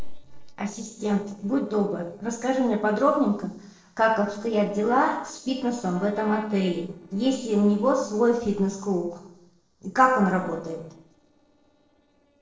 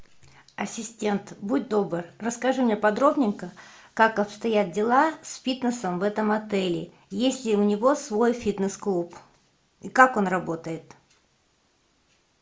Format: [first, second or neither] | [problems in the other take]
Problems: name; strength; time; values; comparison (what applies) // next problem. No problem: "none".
second | noise reduction (neural separator model SepFormer DNS4)